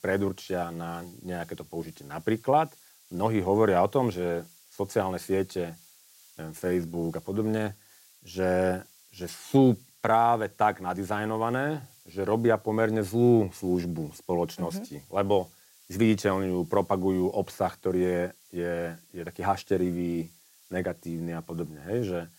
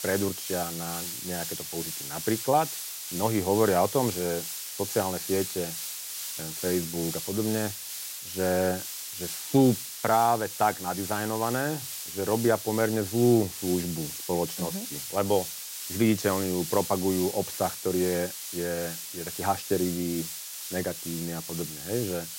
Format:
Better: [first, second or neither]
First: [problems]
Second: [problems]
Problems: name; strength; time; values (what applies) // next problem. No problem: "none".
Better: first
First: hiss; faint; throughout; 25 dB below the speech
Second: hiss; loud; throughout; 6 dB below the speech